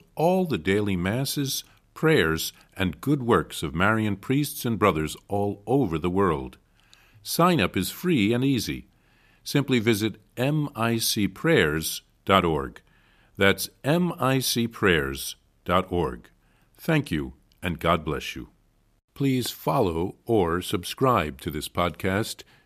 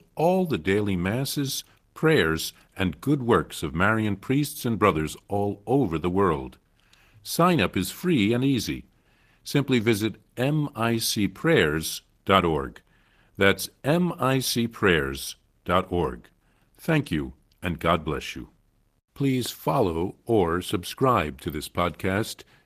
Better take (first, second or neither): first